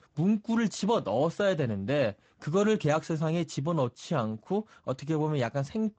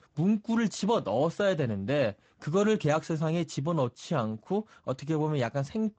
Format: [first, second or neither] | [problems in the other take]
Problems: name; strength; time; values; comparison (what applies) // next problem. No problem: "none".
neither | garbled, watery; slightly; nothing above 7.5 kHz; the same in both